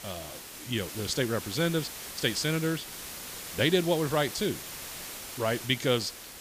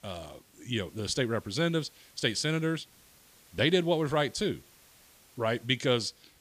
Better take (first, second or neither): second